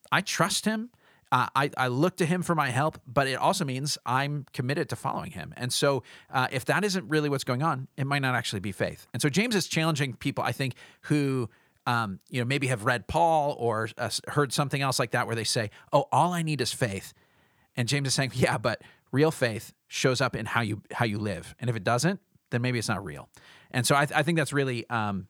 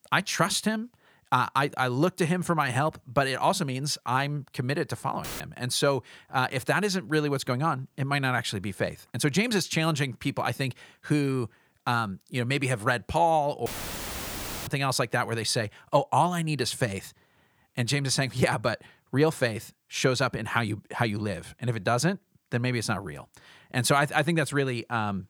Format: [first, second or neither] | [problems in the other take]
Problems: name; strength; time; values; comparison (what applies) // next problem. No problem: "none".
first | audio cutting out; filled with static; at 5 s and at 14 s for 1 s